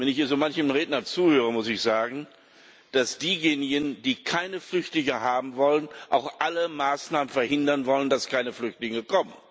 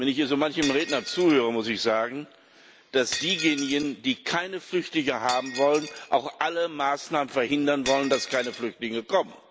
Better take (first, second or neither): first